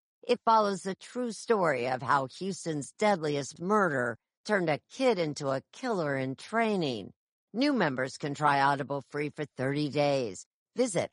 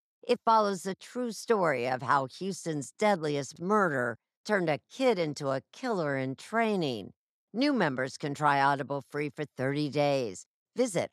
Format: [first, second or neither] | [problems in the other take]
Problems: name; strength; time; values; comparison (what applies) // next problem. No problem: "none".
second | garbled, watery; slightly; nothing above 10.5 kHz